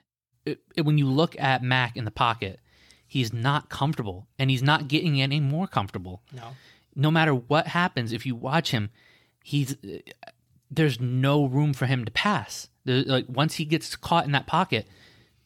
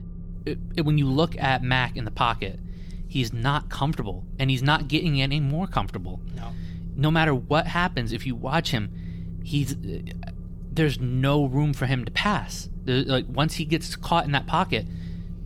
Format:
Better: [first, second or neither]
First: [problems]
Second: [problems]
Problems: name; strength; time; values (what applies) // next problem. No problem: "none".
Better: first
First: none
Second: low rumble; faint; throughout; 25 dB below the speech